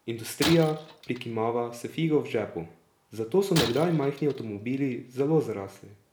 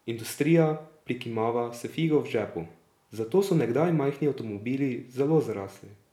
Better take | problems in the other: second | background sound (Shatter); 11 dB below the speech

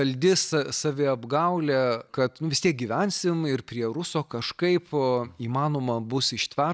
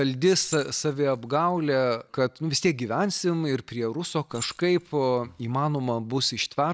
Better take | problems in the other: first | background sound (Keys jangling); 19 dB below the speech

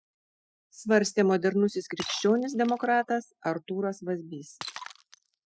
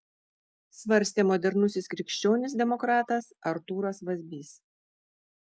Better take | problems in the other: second | noise reduction (classical method spectral subtraction)

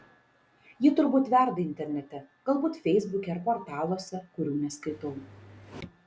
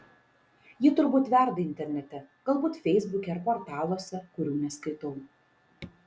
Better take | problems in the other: second | background sound (Engine); 19 dB below the speech

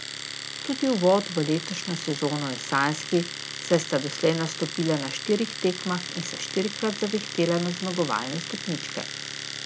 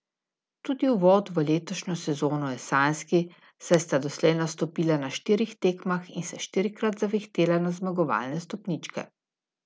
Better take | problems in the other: second | background sound (Domestic sounds, home sounds); 8 dB below the speech

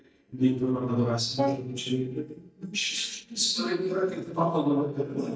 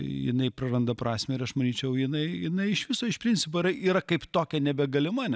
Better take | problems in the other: second | noise reduction (neural mask model DeepFilterNet 3)

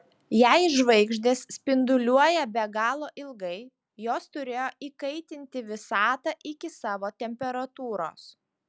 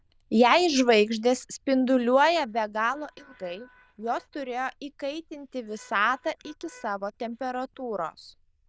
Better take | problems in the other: first | noise reduction (neural diffusion model UNIVERSE++)

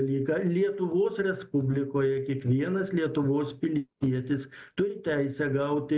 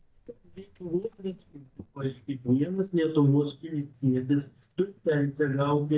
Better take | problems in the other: first | noise reduction (neural mask model DeepFilterNet 3)

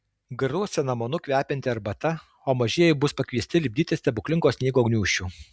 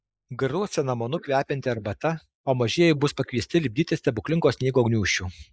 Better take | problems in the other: first | noise reduction (neural mask model Resemble Enhance denoiser)

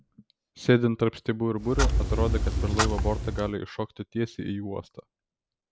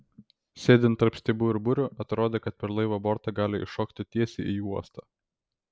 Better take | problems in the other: second | background sound (Clock); 3 dB above the speech

